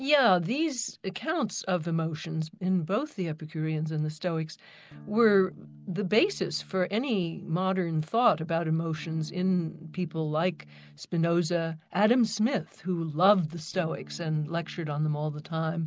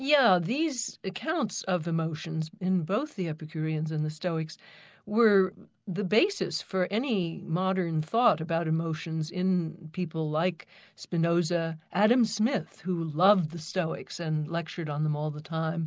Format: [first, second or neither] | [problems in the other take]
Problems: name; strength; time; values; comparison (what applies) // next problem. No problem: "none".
second | background sound (Electric guitar / Strum); 20 dB below the speech